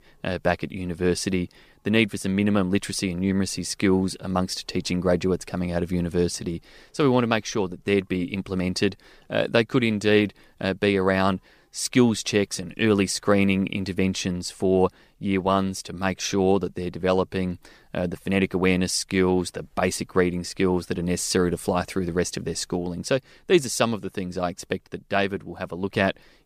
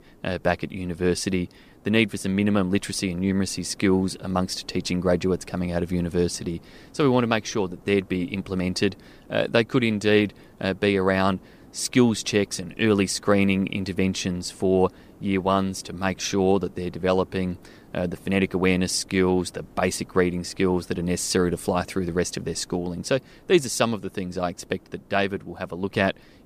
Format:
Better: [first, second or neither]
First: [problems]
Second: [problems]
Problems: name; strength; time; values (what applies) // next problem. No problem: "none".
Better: first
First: none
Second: hiss; faint; throughout; 25 dB below the speech